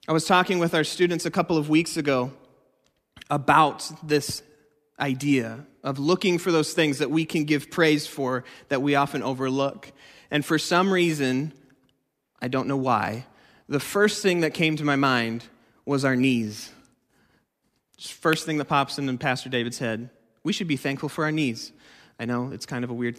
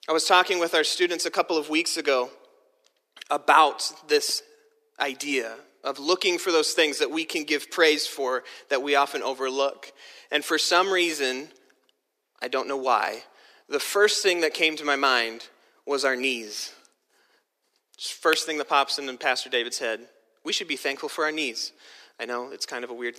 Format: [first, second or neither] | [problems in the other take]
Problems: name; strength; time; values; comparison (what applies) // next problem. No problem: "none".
first | thin; somewhat; fading below 400 Hz